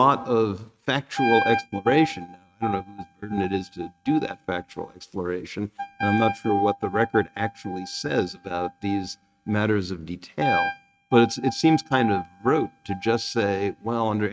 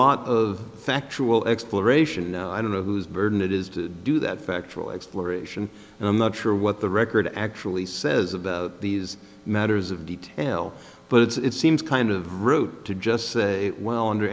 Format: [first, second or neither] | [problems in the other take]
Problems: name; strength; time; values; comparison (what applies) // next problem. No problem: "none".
second | noise reduction (neural mask model RNNoise)